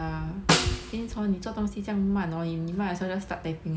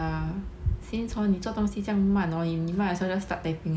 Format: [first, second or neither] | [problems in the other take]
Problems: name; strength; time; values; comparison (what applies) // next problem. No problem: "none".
second | background sound (Snare drum); as loud as the speech